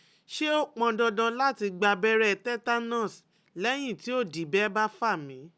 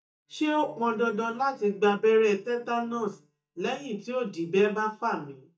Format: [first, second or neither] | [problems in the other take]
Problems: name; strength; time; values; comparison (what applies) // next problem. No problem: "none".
first | noise reduction (neural mask model DeepFilterNet 3)